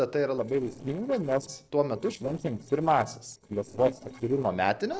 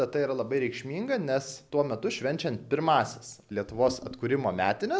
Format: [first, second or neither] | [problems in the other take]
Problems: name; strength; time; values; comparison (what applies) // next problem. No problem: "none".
second | noise reduction (neural separator model SepFormer DNS4)